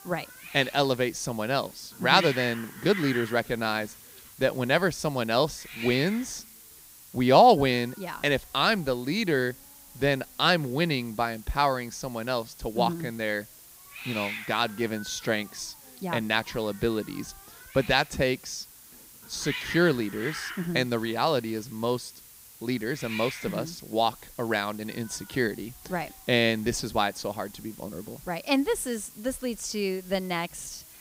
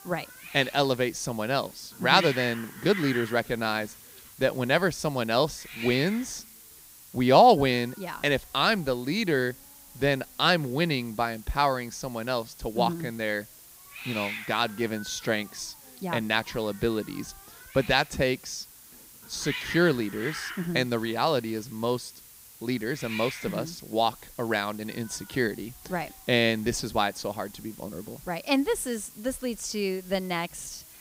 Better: neither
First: hiss; noticeable; throughout; 15 dB below the speech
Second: hiss; noticeable; throughout; 15 dB below the speech

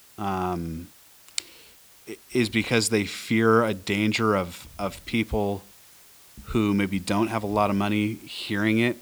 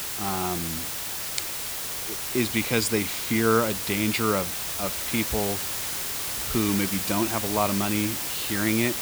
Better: first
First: hiss; faint; throughout; 25 dB below the speech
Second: hiss; loud; throughout; 1 dB below the speech

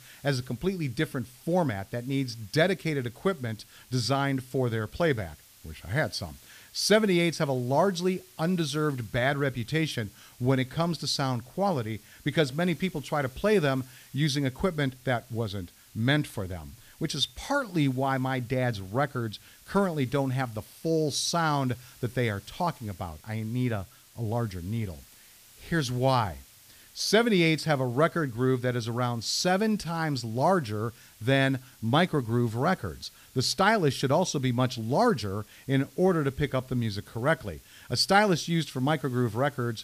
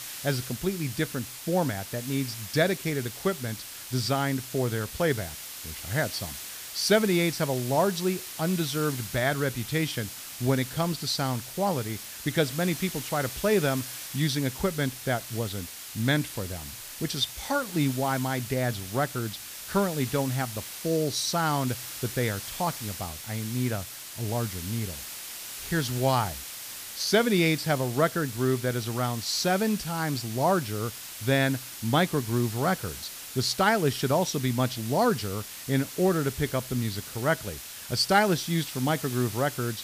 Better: first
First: hiss; faint; throughout; 25 dB below the speech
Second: hiss; loud; throughout; 9 dB below the speech

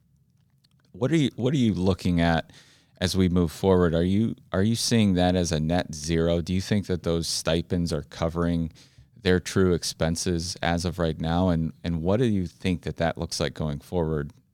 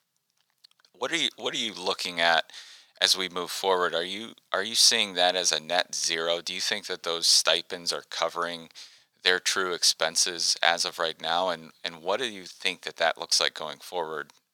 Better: first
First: none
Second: thin; very; fading below 900 Hz

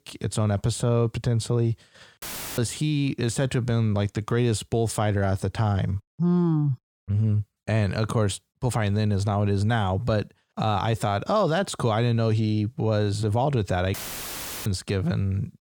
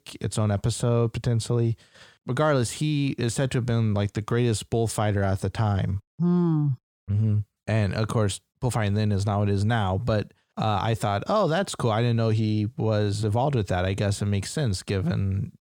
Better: second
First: audio cutting out; filled with static; at 2 s and at 14 s for 0.5 s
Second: none

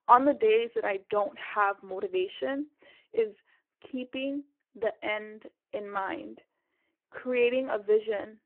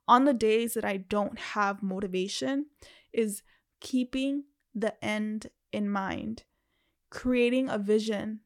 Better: second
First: phone-call audio; poor line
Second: none

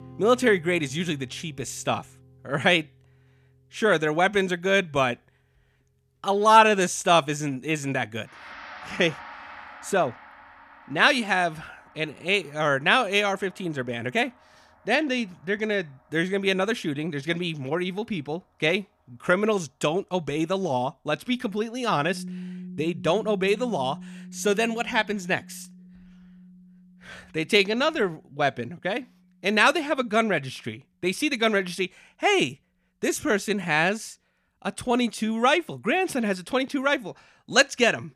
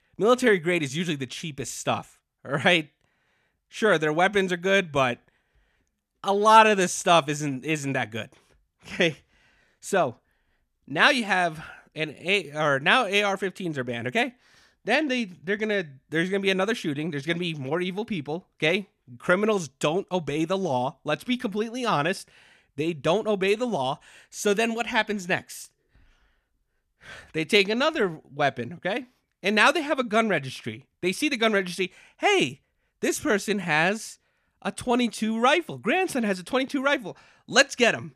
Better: second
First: background music; noticeable; throughout; 20 dB below the speech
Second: none

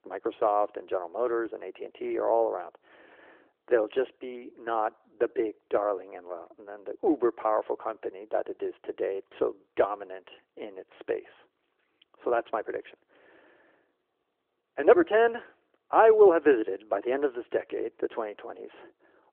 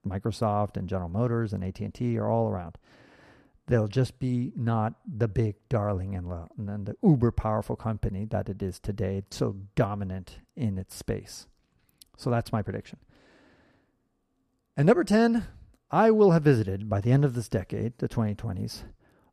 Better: second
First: phone-call audio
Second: none

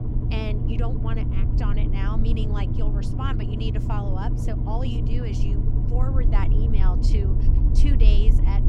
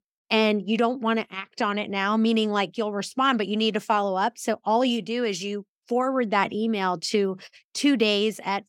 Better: second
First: low rumble; loud; throughout; 1 dB below the speech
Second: none

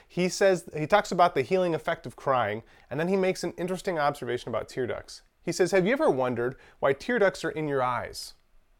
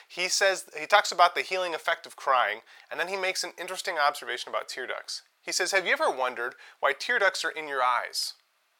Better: first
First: none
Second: thin; very; fading below 950 Hz

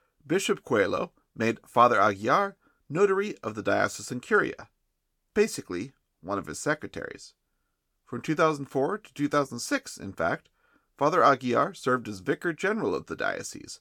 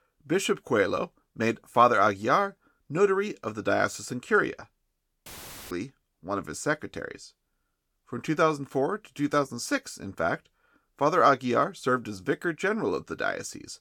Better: first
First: none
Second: audio cutting out; filled with static; at 5.5 s

